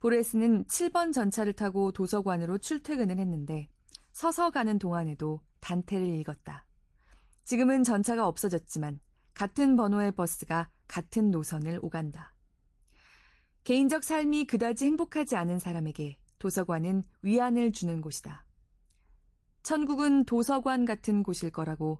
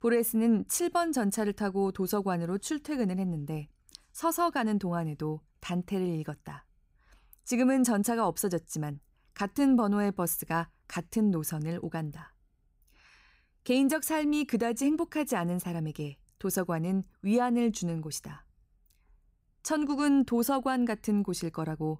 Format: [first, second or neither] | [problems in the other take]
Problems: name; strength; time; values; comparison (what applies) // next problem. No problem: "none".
second | garbled, watery; slightly; nothing above 15.5 kHz